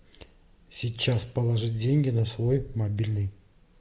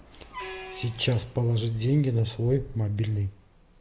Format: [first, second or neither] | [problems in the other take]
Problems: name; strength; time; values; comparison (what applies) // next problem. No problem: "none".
first | background sound (Truck); 19 dB below the speech